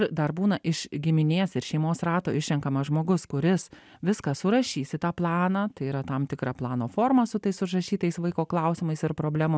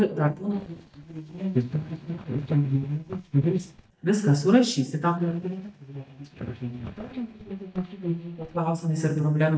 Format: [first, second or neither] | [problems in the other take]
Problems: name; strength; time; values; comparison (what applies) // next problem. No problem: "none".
first | noise reduction (neural mask model DeepFilterNet 3)